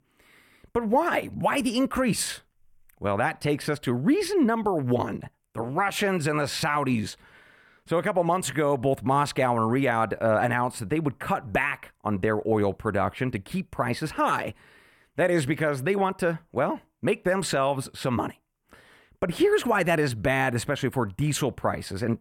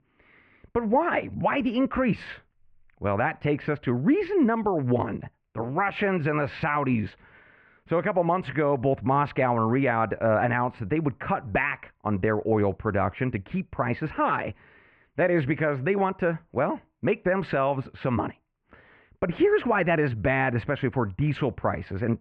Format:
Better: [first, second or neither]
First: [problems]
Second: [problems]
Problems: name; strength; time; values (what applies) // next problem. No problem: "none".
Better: first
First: none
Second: muffled; very; fading above 2.5 kHz